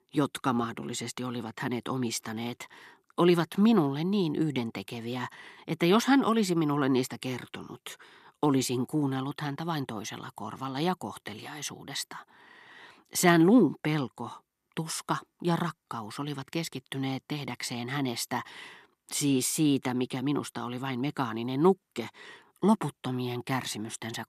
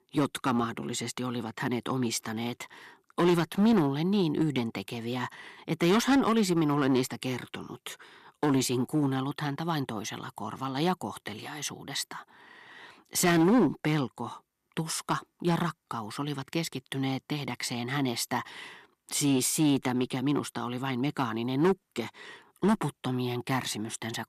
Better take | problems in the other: first | distortion; slight; 4% of the sound clipped

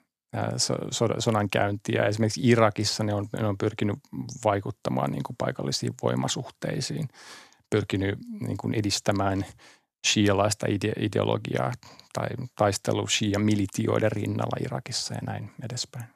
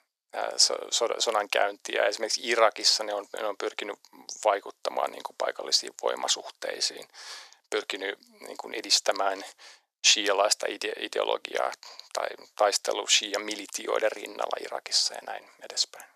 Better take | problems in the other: first | thin; very; fading below 450 Hz

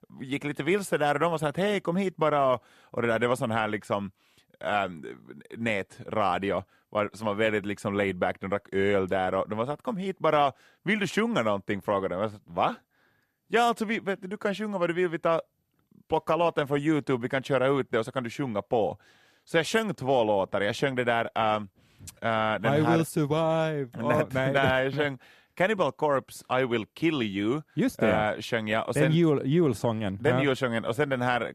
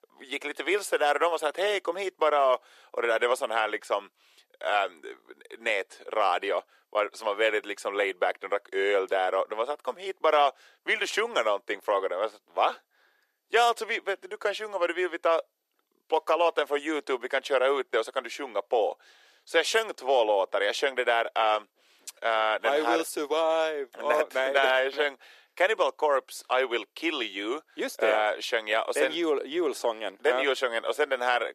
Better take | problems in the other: first | thin; very; fading below 400 Hz

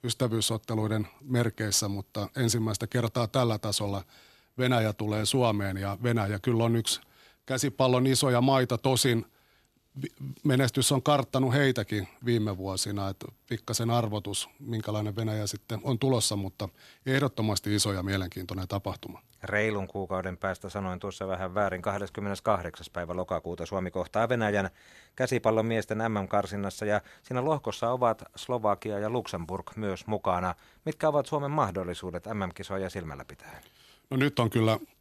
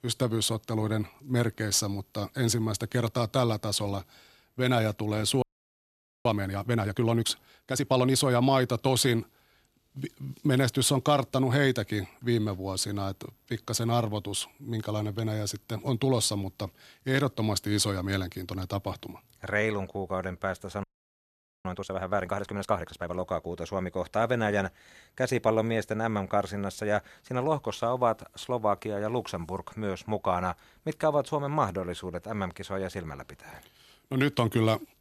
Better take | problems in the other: first | audio freezing; at 5.5 s for 1 s and at 21 s for 1 s

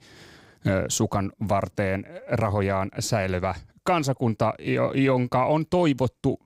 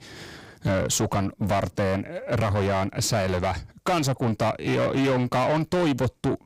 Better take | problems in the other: first | distortion; heavy; 8 dB below the speech

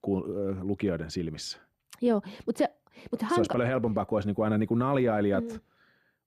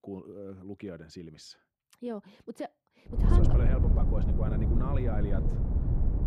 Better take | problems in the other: first | wind noise on the microphone; heavy; from 3 s on; as loud as the speech

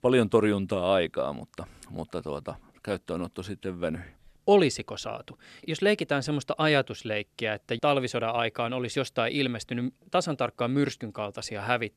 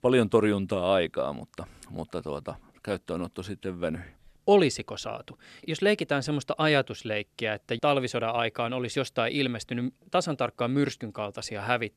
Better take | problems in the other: neither | none

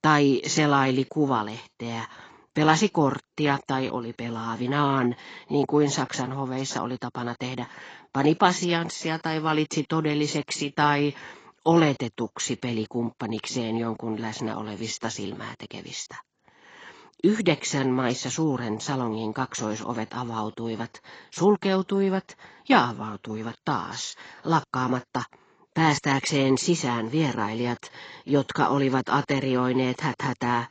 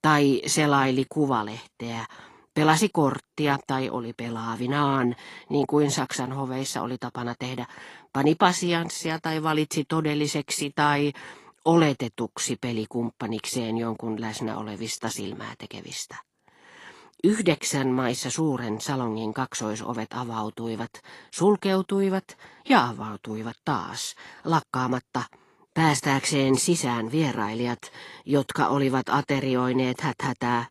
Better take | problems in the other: second | garbled, watery; badly; nothing above 7.5 kHz; slightly in the second

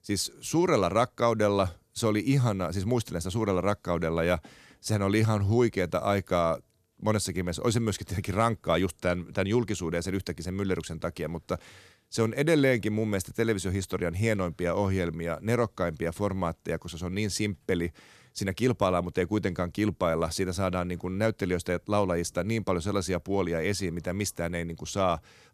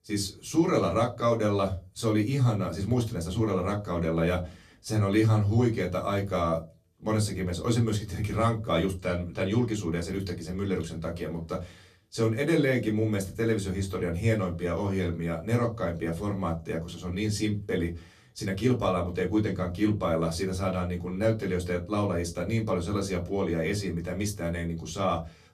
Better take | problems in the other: first | off-mic speech; far // room echo; very slight; dies away in 0.2 s

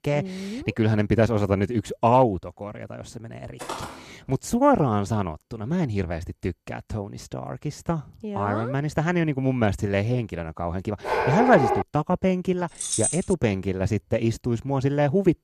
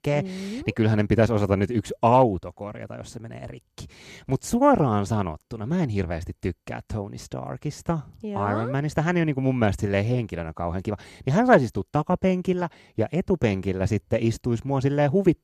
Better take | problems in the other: second | footsteps; noticeable; at 3.5 s; peak 10 dB below the speech // dog barking; loud; at 11 s; peak 1 dB above the speech // jangling keys; loud; at 13 s; peak level with the speech

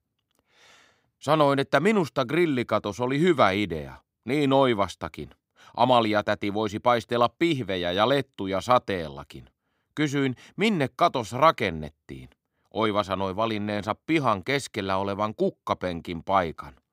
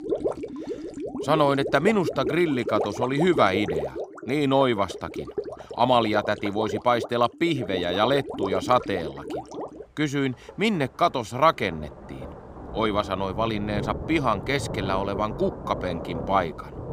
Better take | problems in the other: first | rain or running water; loud; throughout; 9 dB below the speech

